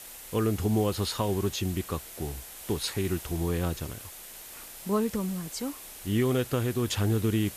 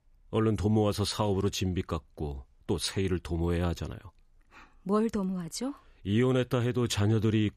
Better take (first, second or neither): second